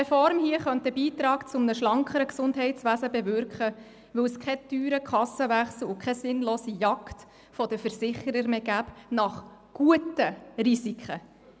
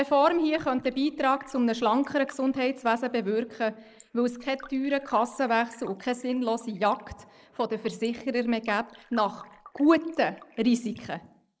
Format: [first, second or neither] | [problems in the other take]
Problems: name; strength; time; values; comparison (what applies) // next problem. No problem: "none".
first | noise reduction (neural mask model Resemble Enhance denoiser)